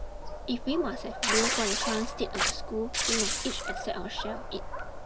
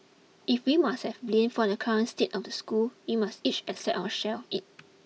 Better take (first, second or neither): second